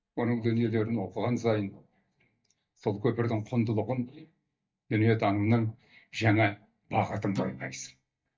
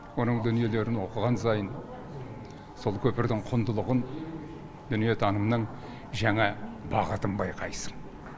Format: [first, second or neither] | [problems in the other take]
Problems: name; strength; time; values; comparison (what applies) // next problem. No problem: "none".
second | noise reduction (neural mask model DeepFilterNet 3)